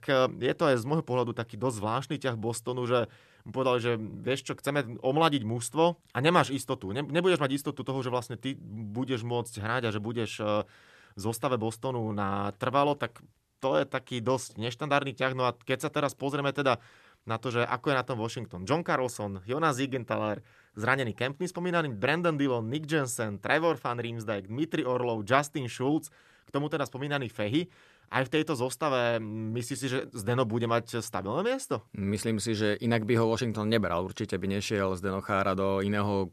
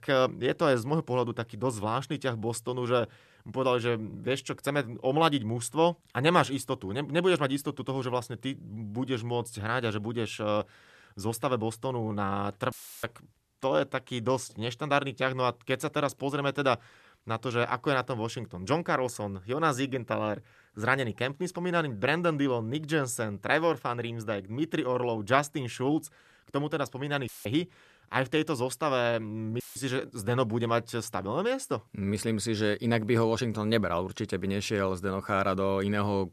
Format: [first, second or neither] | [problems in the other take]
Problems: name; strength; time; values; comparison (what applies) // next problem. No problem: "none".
first | audio cutting out; filled with static; at 13 s, at 27 s and at 30 s